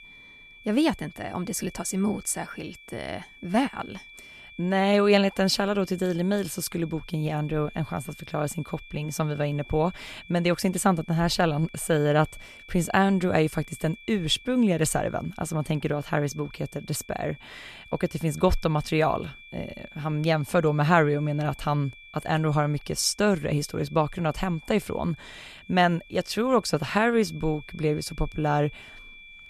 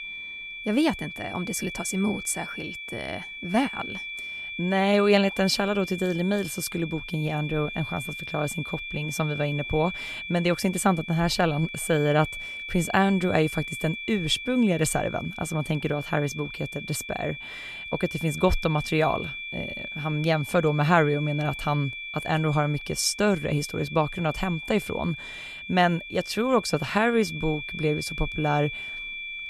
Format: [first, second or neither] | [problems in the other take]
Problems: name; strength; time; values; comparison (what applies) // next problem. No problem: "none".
first | high-pitched whine; loud; throughout; 2.5 kHz, 9 dB below the speech; faint in the first